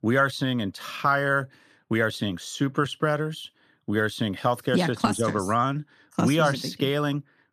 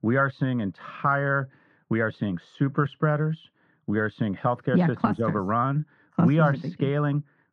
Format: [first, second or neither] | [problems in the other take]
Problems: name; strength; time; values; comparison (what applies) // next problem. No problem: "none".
first | muffled; very; fading above 1.5 kHz